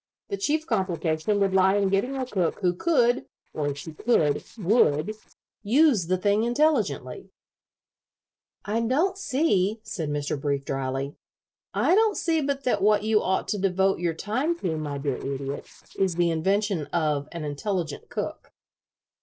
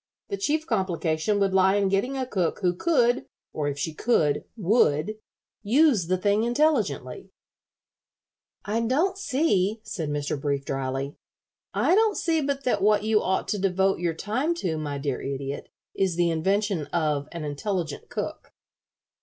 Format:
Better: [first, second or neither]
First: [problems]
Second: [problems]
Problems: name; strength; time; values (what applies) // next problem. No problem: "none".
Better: second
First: noise reduction (neural separator model SepFormer DNS4)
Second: none